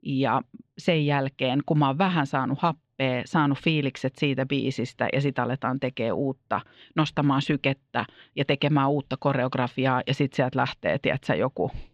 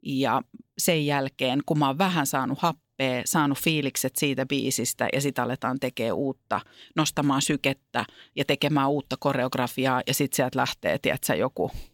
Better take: second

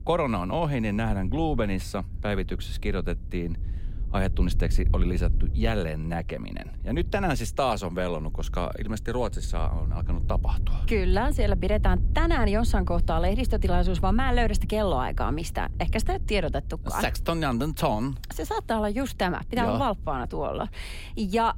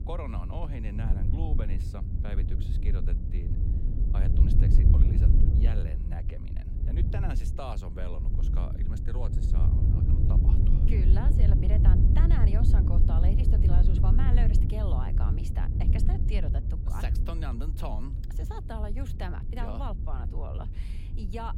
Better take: first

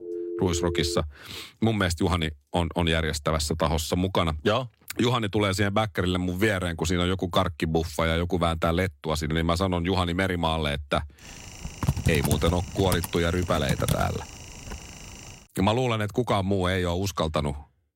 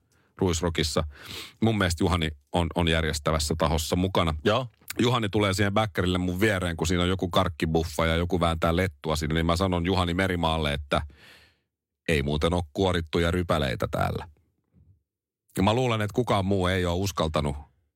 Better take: second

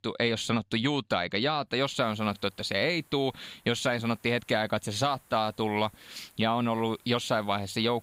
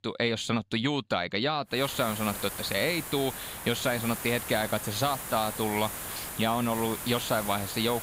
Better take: first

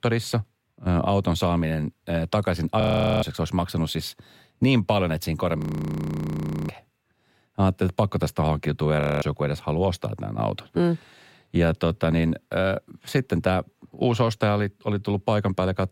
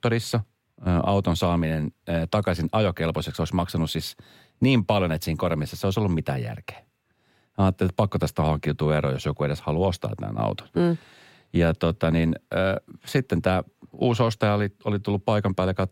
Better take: second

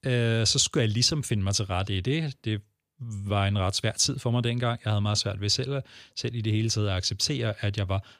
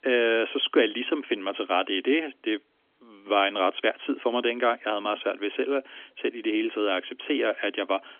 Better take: first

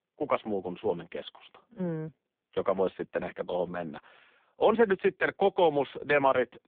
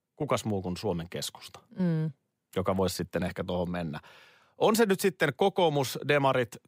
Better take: second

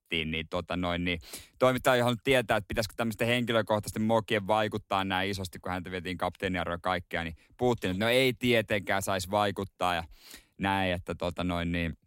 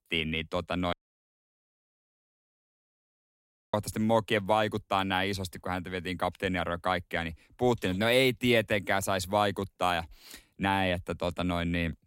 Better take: first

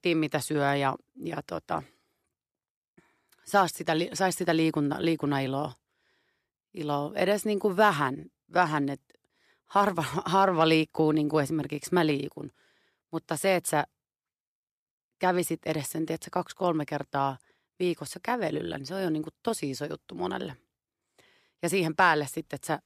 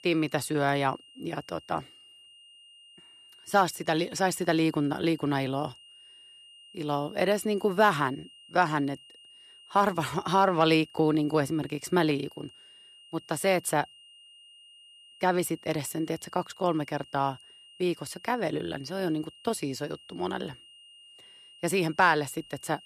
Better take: first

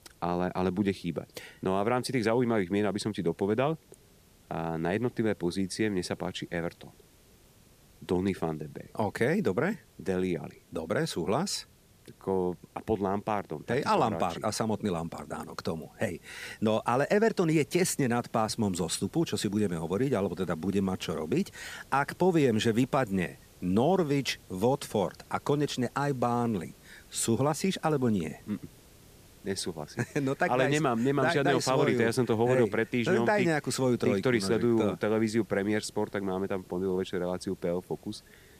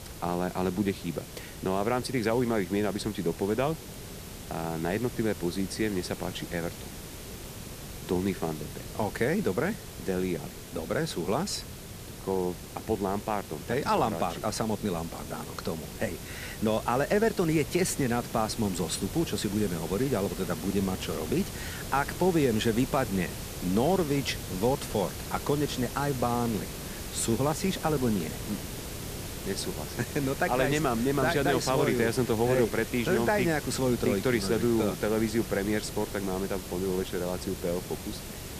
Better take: first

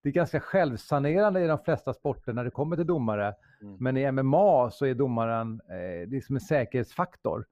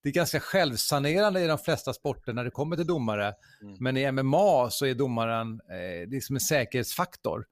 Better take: second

